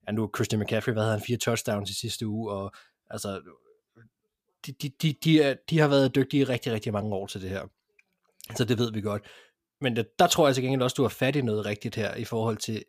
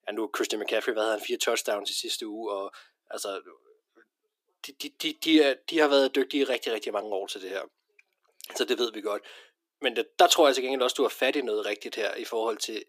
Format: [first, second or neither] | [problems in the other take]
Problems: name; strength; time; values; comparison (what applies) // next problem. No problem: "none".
first | thin; somewhat; fading below 300 Hz